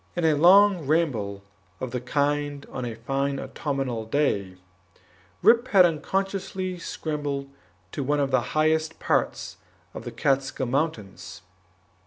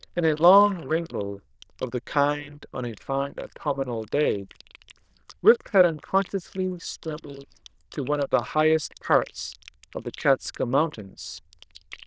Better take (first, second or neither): first